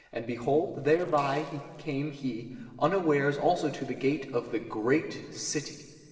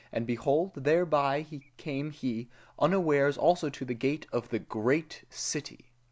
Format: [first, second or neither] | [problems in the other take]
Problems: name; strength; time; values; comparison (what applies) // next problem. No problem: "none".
second | noise reduction (neural separator model SepFormer DNS4)